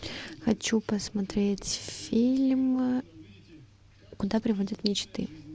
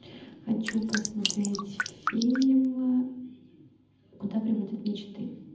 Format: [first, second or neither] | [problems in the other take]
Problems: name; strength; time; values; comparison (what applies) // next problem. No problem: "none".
first | background sound (Drip); 5 dB below the speech // room echo; dies away in 0.8 s